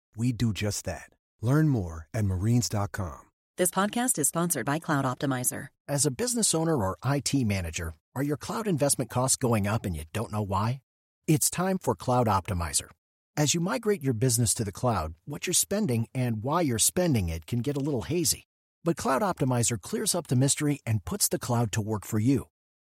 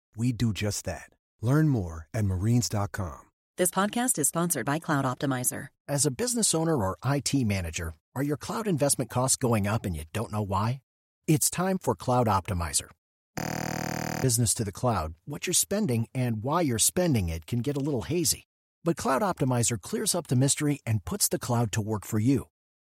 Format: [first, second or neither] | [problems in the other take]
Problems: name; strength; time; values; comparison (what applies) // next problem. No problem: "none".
first | audio freezing; at 13 s for 1 s